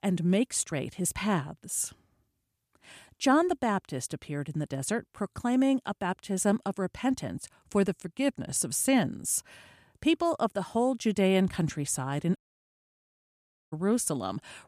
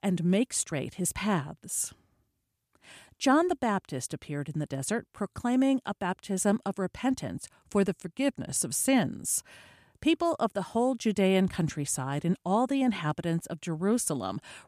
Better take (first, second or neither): second